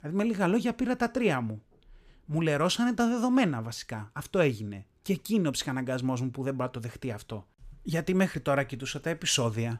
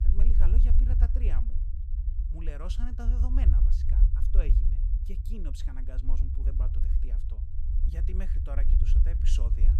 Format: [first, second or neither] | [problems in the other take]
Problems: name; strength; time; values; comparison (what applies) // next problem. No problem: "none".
first | low rumble; loud; throughout; 2 dB below the speech